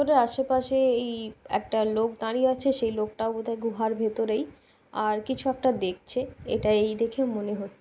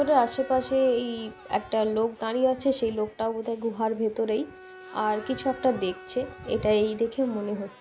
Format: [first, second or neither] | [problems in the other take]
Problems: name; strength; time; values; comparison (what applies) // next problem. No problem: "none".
first | background sound (Bowed string instrument + Crowd / Cheering); 19 dB below the speech